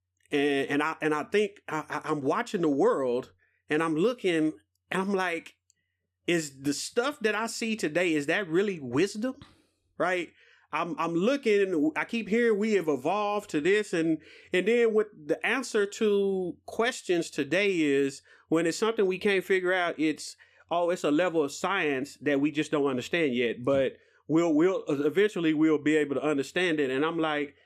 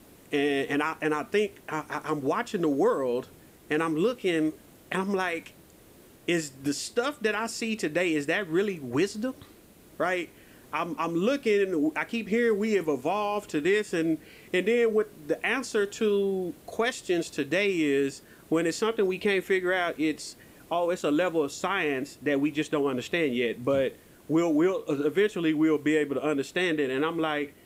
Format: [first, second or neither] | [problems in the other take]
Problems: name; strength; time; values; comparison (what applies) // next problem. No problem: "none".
first | hiss; faint; throughout; 25 dB below the speech